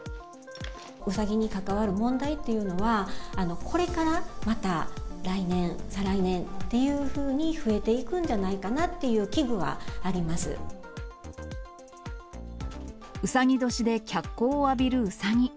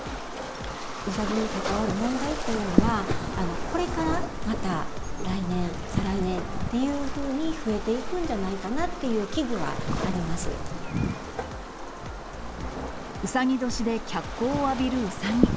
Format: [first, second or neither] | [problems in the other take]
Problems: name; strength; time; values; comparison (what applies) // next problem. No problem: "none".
first | background sound (Waves, surf + Wind); 2 dB below the speech